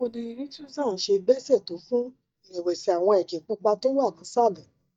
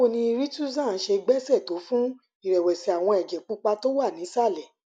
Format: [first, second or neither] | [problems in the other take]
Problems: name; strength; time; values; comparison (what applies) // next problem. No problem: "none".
second | noise reduction (neural mask model DeepFilterNet 3)